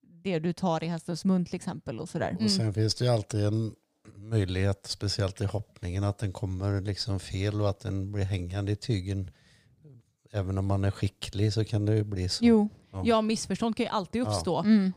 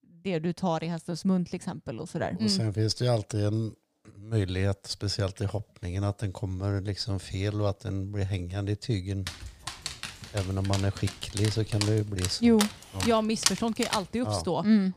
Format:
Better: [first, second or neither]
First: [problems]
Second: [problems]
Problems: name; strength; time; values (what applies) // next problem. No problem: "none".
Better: first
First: none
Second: dog barking; loud; from 9.5 to 14 s; peak 2 dB above the speech